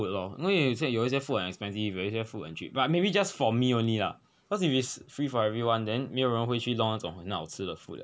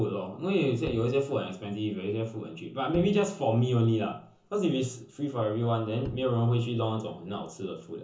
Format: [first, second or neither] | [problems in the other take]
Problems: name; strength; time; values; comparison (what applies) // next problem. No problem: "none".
first | background sound (Bowed string instrument); 18 dB below the speech // room echo; dies away in 0.8 s